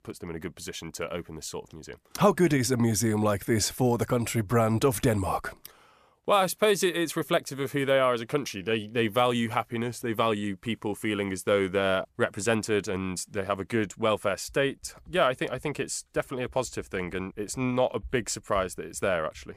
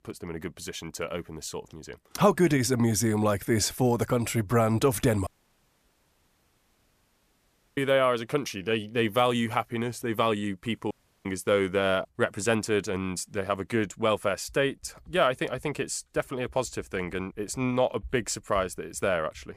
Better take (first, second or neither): first